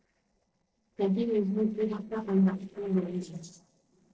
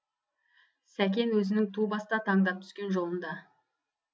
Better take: second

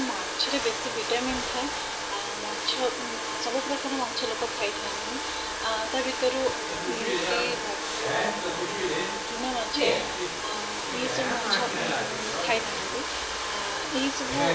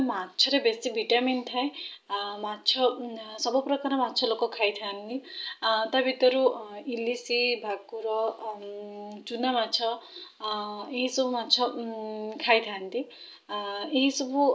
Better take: second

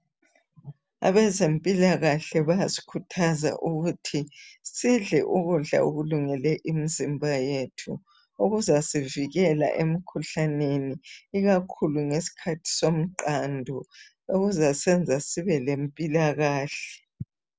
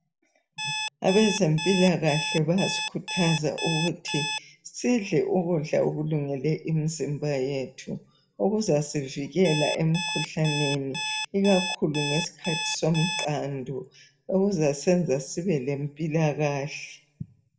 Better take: first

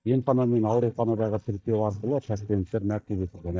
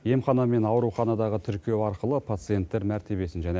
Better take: second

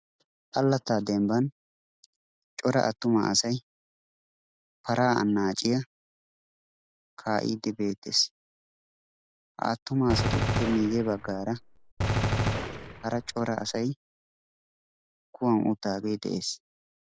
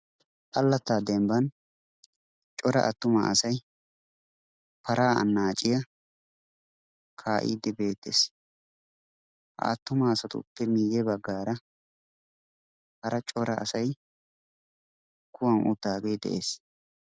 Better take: second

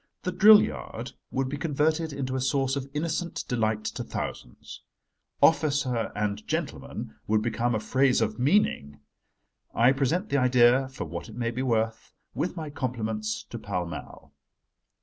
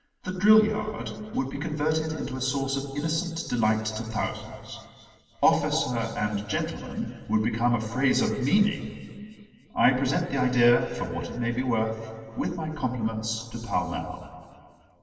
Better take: first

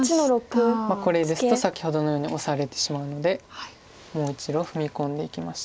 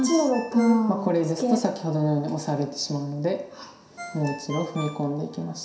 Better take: first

